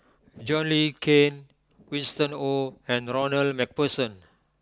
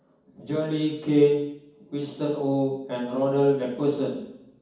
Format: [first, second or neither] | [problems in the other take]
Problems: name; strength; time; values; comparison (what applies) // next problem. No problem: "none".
first | room echo; dies away in 1.2 s